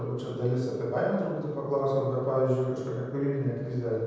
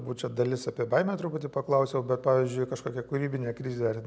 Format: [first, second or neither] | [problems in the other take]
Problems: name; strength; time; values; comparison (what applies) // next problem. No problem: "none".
second | room echo; dies away in 1.2 s